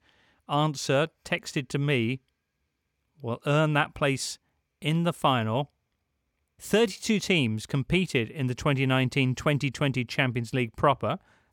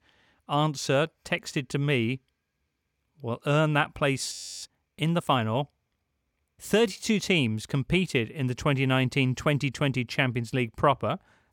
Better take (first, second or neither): first